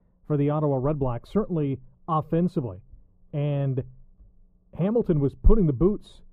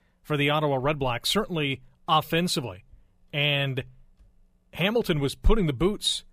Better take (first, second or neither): second